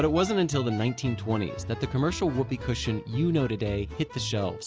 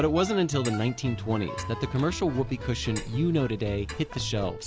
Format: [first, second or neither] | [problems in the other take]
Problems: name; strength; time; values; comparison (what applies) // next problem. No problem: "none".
first | background sound (Alarm + Clock); 16 dB below the speech